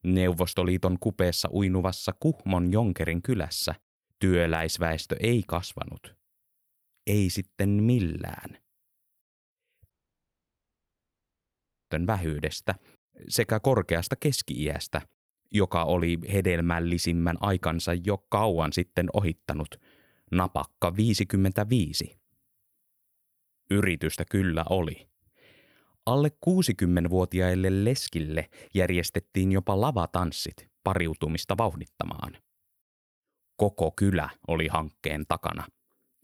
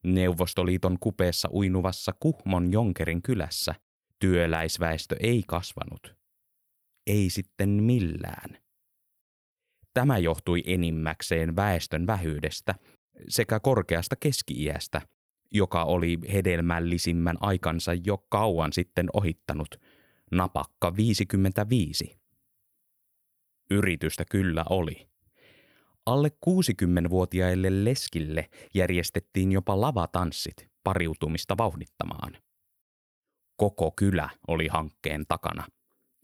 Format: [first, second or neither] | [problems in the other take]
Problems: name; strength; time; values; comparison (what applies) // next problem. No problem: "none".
second | audio cutting out; at 10 s for 2 s